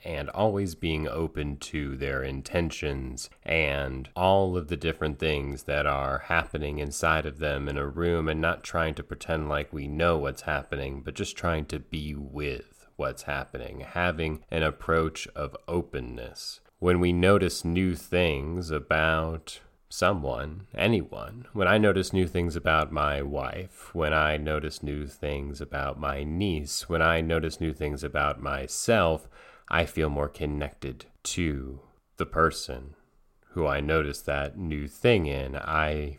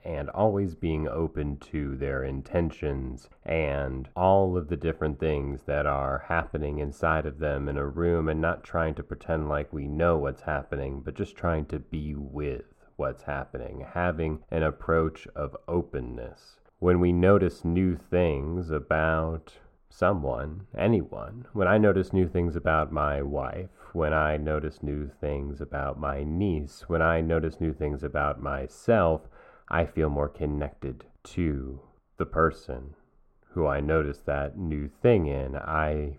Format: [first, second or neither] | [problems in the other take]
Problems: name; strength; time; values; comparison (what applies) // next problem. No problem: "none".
first | muffled; very; fading above 2.5 kHz